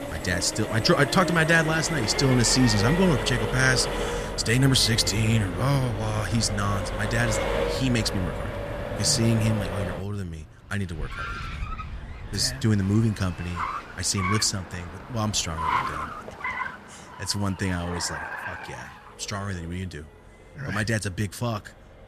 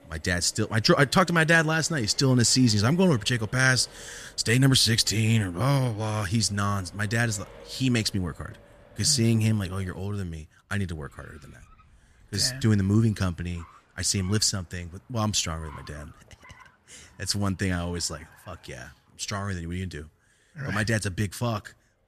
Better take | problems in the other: second | traffic noise; loud; throughout; 7 dB below the speech; faint in the second

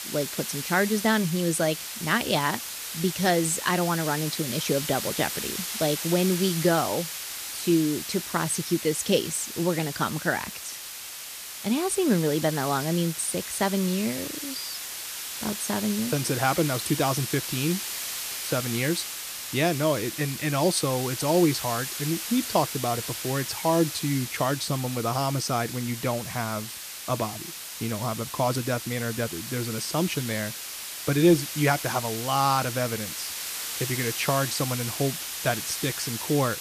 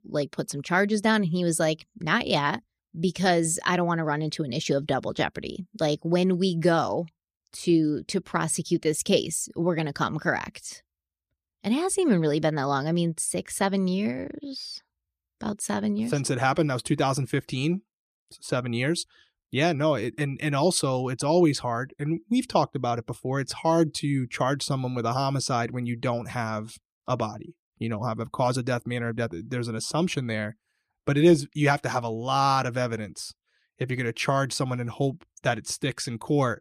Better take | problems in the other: second | hiss; loud; throughout; 5 dB below the speech

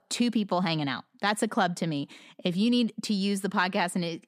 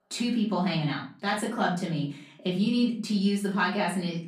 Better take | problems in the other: first | off-mic speech; far // room echo; slight; dies away in 0.4 s

